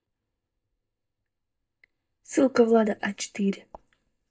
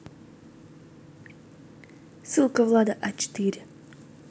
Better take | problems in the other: second | noise reduction (neural mask model DeepFilterNet 3)

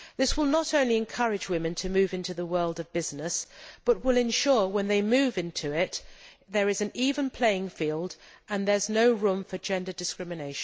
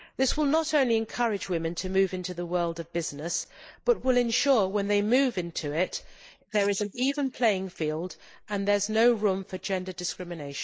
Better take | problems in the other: first | noise reduction (neural mask model Resemble Enhance denoiser)

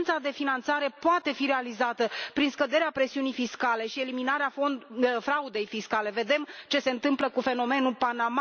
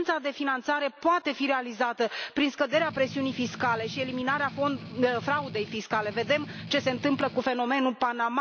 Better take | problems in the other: first | background sound (Strum); 13 dB below the speech

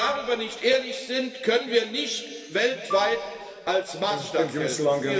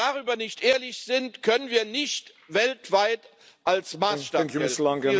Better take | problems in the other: second | background sound (Marimba, xylophone); 14 dB below the speech // room echo; dies away in 2.5 s

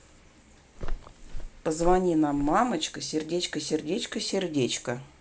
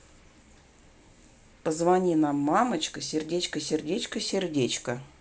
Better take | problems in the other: second | background sound (Walk, footsteps); 4 dB below the speech

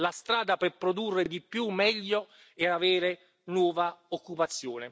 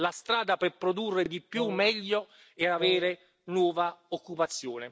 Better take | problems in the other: first | background sound (Wind instrument, woodwind instrument); 11 dB below the speech

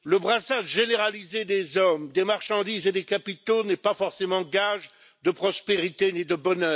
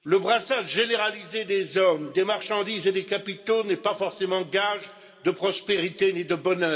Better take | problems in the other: first | room echo; dies away in 1.6 s

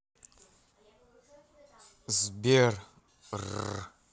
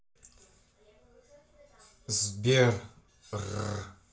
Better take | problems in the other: first | room echo; dies away in 0.3 s

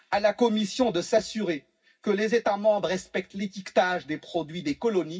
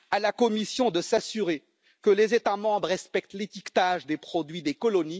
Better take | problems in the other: second | room echo; dies away in 0.4 s

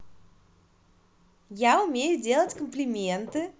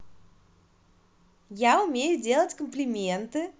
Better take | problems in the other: second | background sound (Walk, footsteps); 17 dB below the speech

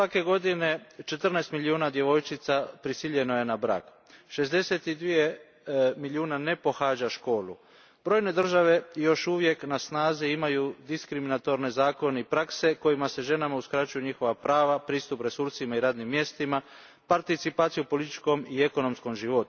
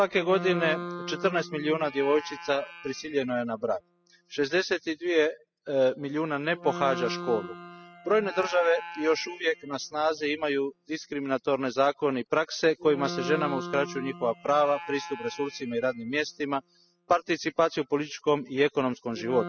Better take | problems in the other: first | noise reduction (classical method spectral subtraction)

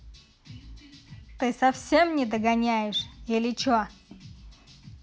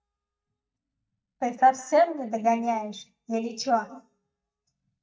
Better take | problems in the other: first | noise reduction (neural mask model DeepFilterNet 3)

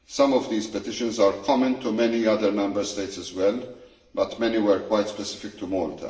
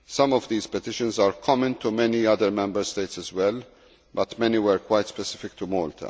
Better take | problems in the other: second | room echo; dies away in 0.8 s

